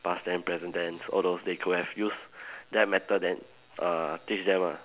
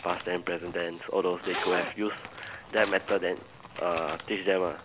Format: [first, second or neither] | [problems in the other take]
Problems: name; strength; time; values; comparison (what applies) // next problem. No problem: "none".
first | background sound (Zipper (clothing)); 10 dB below the speech